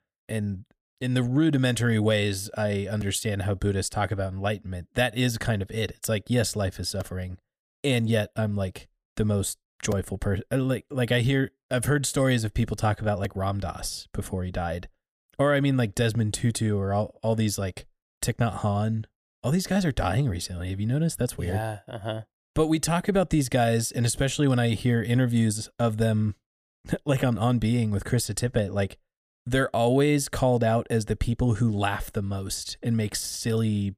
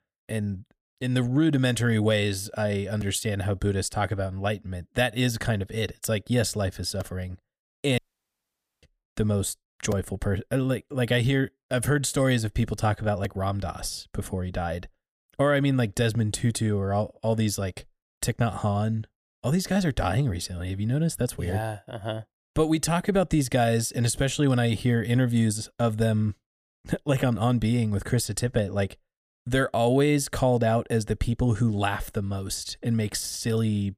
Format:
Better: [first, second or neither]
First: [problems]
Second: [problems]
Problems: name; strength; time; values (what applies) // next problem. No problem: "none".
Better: first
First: none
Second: audio cutting out; at 8 s for 1 s